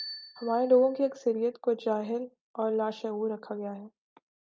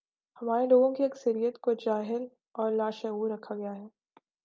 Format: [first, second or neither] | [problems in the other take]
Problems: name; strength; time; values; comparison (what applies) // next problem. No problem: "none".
second | noise reduction (neural mask model RNNoise)